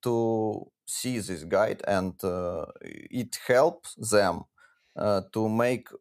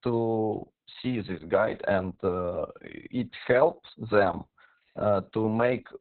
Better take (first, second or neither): first